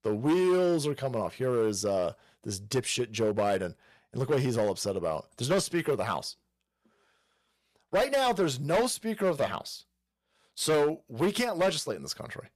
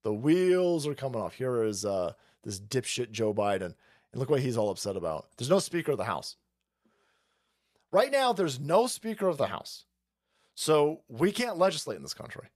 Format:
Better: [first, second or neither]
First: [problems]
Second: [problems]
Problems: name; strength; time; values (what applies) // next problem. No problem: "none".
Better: second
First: distortion; slight; 7% of the sound clipped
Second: none